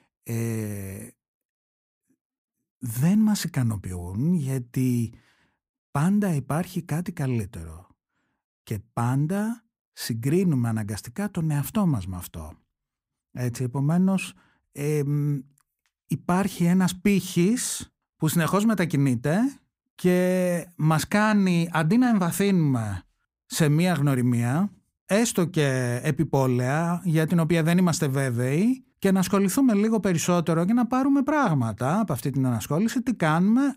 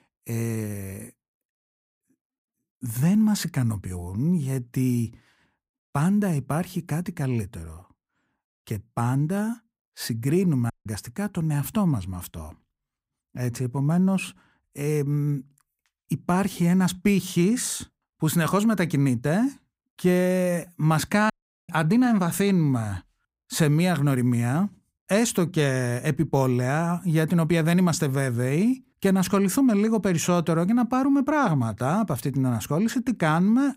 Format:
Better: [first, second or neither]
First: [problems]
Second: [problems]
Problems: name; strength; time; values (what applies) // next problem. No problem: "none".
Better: first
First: none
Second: audio cutting out; at 11 s and at 21 s